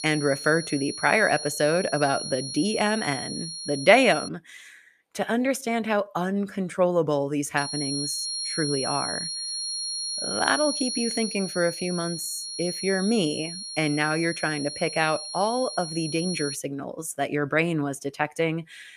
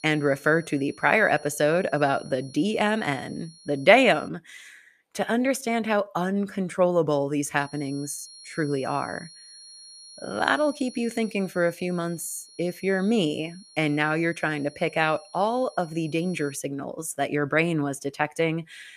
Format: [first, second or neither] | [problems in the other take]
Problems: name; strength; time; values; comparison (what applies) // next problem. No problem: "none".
second | high-pitched whine; loud; until 4.5 s and from 7.5 to 17 s; 4.5 kHz, 5 dB below the speech; faint in the second